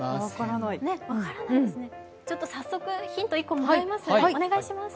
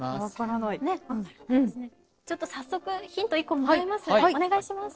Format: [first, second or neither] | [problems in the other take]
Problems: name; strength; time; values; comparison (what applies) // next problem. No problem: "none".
first | noise reduction (neural separator model SepFormer DNS4)